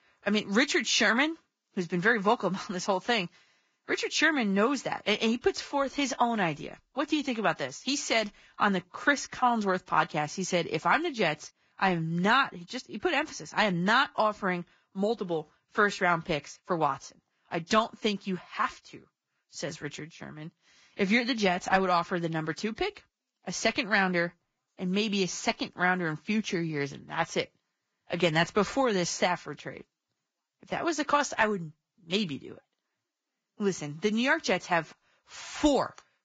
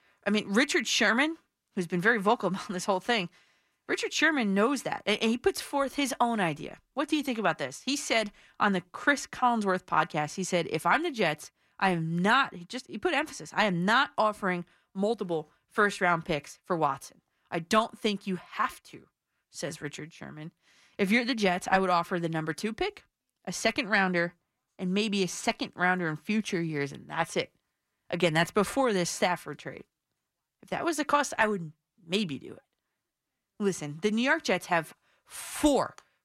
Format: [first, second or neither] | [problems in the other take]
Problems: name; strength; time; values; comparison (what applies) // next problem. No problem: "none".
second | garbled, watery; badly; nothing above 7.5 kHz